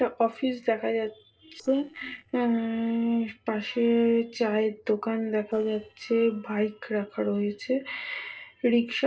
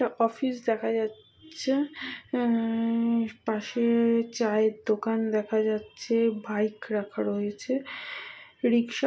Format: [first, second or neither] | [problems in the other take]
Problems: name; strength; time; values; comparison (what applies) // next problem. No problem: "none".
second | noise reduction (neural separator model SepFormer DNS4)